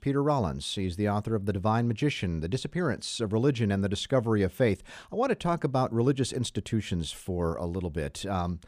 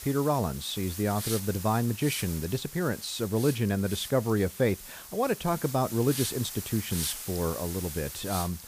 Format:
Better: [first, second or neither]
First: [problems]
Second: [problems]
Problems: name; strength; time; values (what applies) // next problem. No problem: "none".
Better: first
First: none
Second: hiss; loud; throughout; 8 dB below the speech